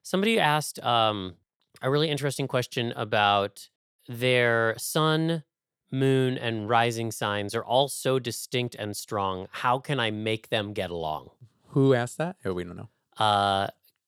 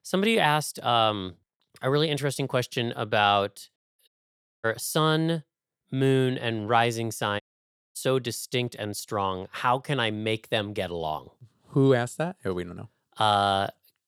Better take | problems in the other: first | audio cutting out; at 4 s for 0.5 s and at 7.5 s for 0.5 s

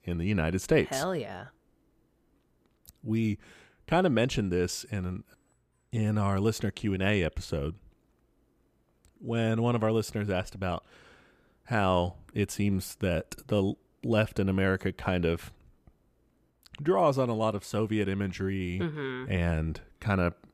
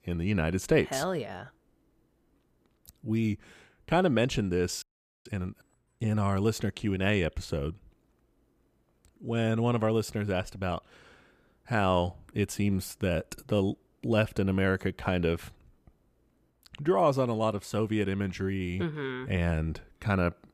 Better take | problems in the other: first | audio freezing; at 5 s

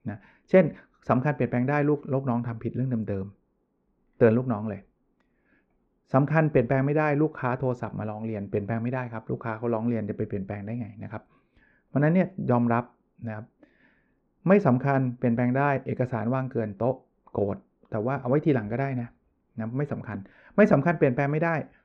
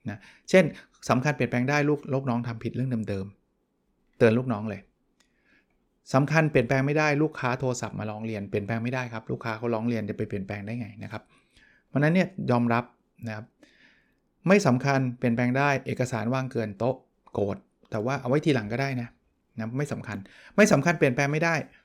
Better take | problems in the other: second | muffled; very; fading above 3.5 kHz

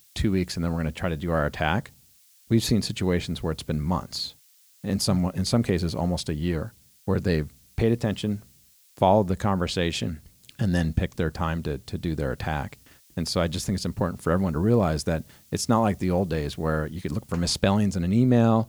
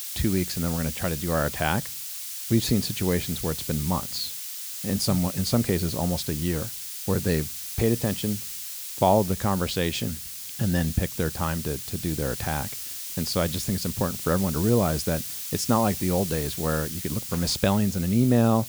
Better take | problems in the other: first | hiss; loud; throughout; 6 dB below the speech; faint in the first

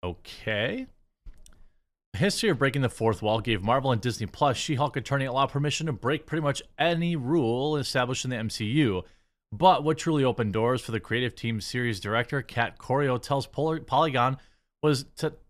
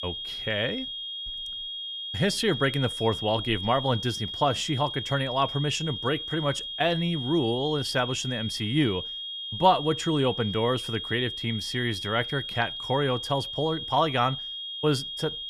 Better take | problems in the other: first | high-pitched whine; loud; throughout; 3.5 kHz, 5 dB below the speech

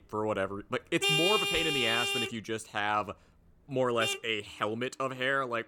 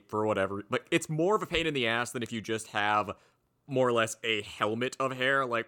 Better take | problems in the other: second | traffic noise; very loud; throughout; 3 dB above the speech

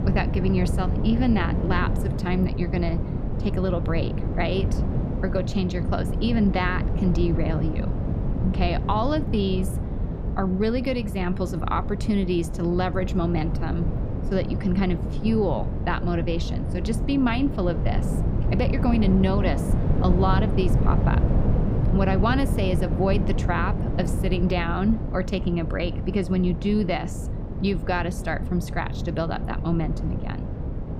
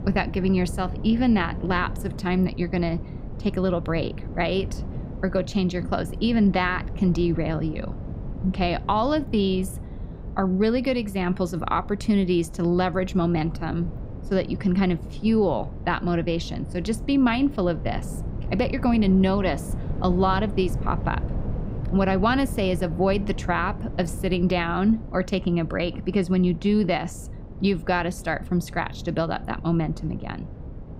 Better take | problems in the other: second | wind noise on the microphone; heavy; 7 dB below the speech; occasional gusts in the second

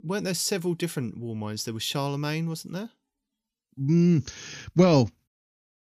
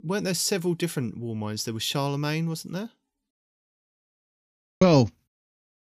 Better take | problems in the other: first | audio cutting out; at 3.5 s for 1.5 s

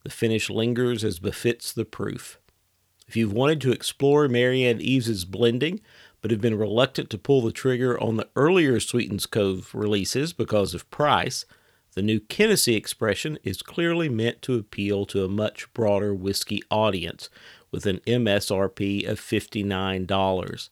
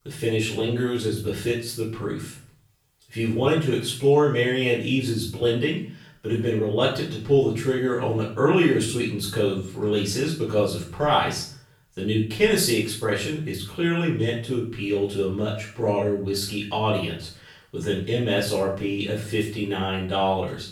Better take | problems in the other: first | room echo; noticeable; dies away in 0.5 s // off-mic speech; far

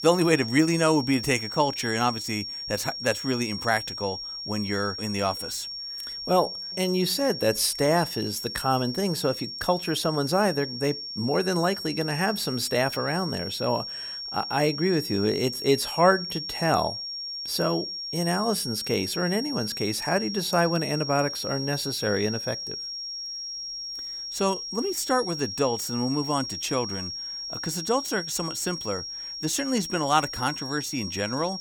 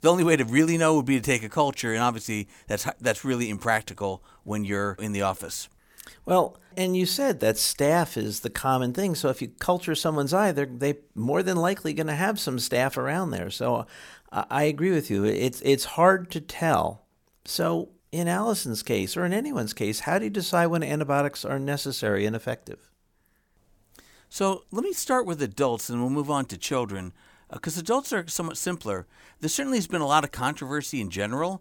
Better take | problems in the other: second | high-pitched whine; loud; throughout; 5.5 kHz, 6 dB below the speech

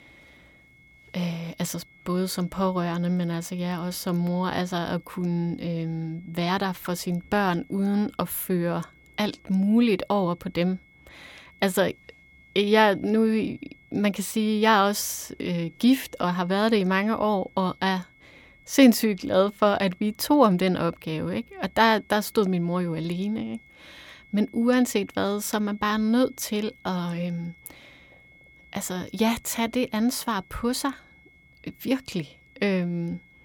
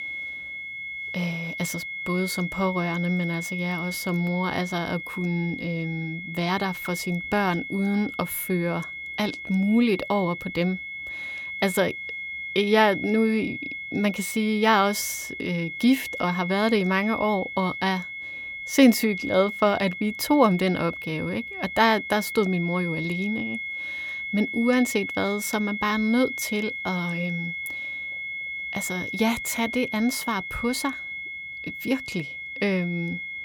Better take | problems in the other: first | high-pitched whine; loud; throughout; 2 kHz, 7 dB below the speech; faint in the first

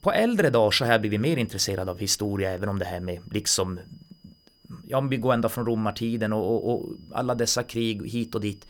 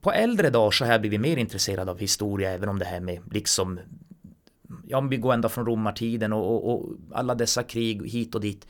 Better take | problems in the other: second | high-pitched whine; faint; throughout; 5 kHz, 35 dB below the speech

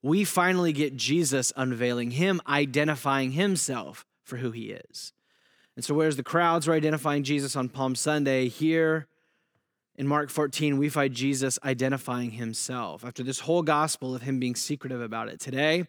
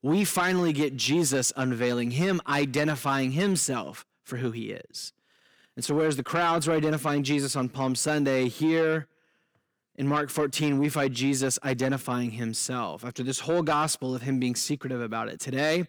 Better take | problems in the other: first | distortion; slight; 10 dB below the speech

